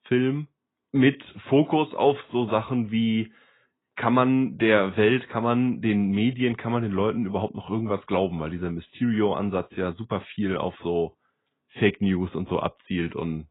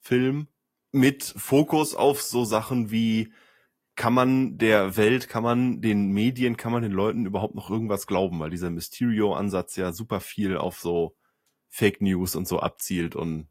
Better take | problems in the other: second | garbled, watery; badly; nothing above 3.5 kHz; slightly in the second

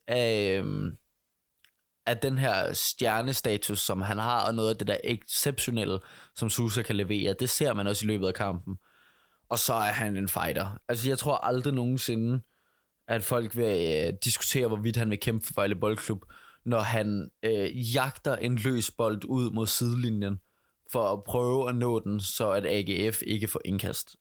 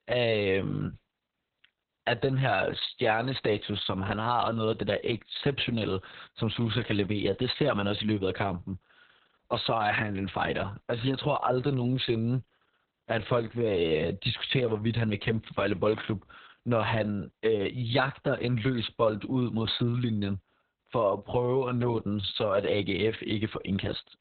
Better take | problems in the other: first | garbled, watery; badly; nothing above 4 kHz; slightly in the first

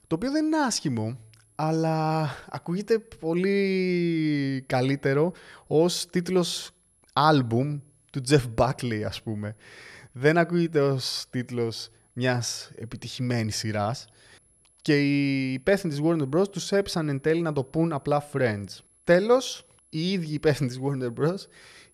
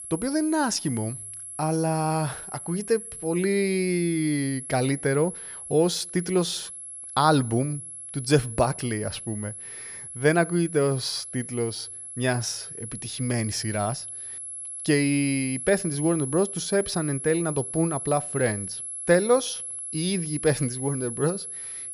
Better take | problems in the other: first | high-pitched whine; loud; throughout; 11 kHz, 8 dB below the speech; faint in the first

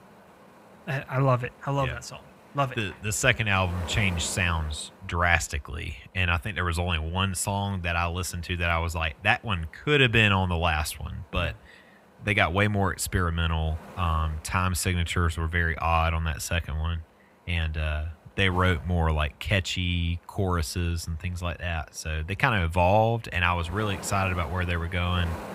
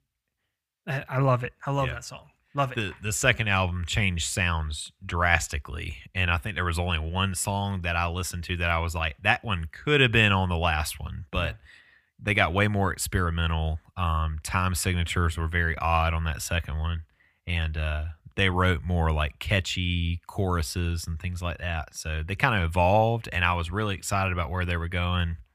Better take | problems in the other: second | wind noise on the microphone; occasional gusts; 20 dB below the speech

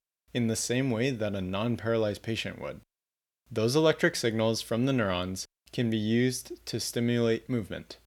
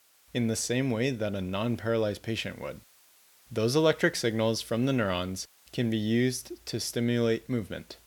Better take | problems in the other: first | hiss; faint; throughout; 30 dB below the speech

